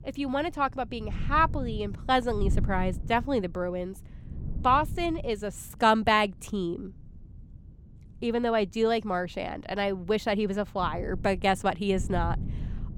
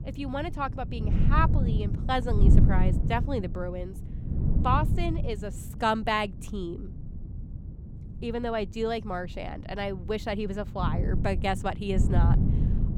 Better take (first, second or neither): first